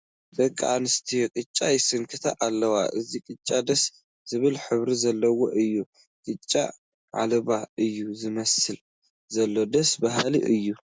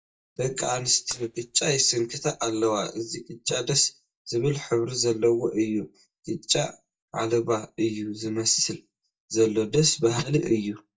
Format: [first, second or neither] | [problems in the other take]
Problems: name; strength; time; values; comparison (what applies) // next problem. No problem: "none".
first | noise reduction (neural mask model DeepFilterNet 3)